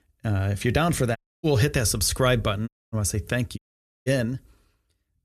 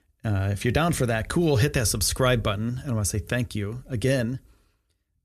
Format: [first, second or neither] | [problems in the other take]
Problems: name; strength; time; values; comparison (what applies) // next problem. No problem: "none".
second | audio cutting out; at 1 s, at 2.5 s and at 3.5 s